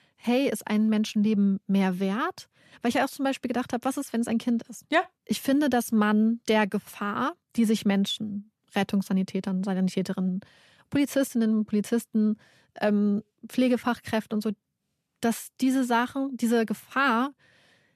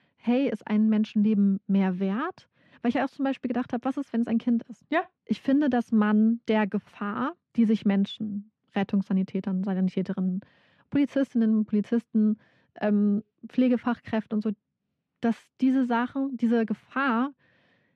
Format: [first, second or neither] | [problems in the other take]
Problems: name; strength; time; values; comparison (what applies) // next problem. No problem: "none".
first | muffled; slightly; fading above 3 kHz